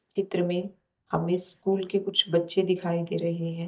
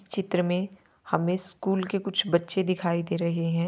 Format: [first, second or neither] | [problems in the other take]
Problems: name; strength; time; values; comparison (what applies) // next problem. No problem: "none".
second | noise reduction (neural mask model DeepFilterNet 3)